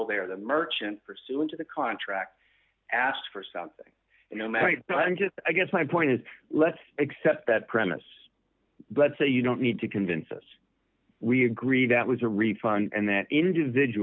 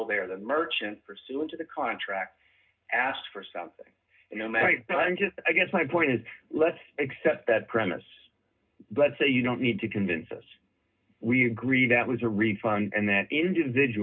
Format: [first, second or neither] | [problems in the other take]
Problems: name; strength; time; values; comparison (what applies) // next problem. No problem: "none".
first | room echo; dies away in 0.2 s